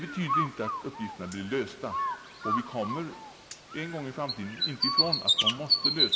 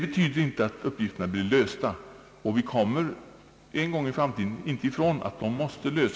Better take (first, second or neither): second